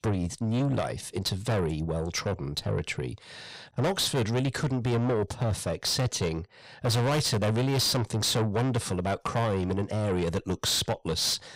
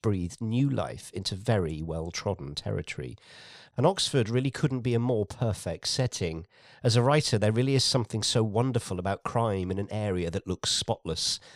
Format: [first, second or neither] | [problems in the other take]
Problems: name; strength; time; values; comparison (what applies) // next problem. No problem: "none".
second | distortion; heavy; 7 dB below the speech